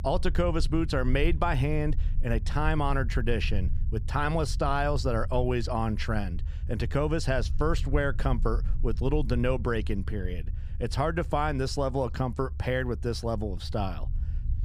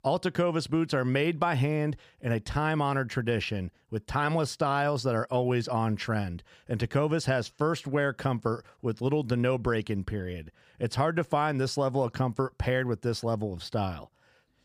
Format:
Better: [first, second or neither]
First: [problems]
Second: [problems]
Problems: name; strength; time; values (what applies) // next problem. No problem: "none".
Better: second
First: low rumble; faint; throughout; 20 dB below the speech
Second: none